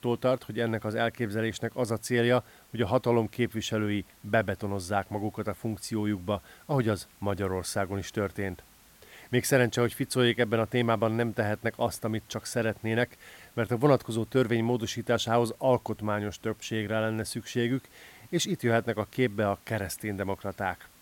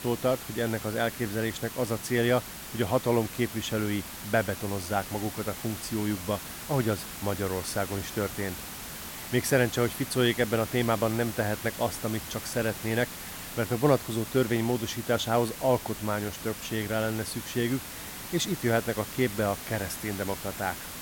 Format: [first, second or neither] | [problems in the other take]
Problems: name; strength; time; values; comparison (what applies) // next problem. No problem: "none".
first | hiss; loud; throughout; 9 dB below the speech; faint in the first